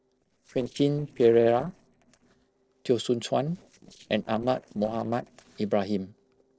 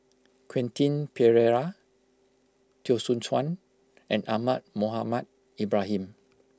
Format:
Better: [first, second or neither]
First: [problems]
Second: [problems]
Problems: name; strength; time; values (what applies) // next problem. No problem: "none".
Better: second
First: noise reduction (neural separator model SepFormer DNS4)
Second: none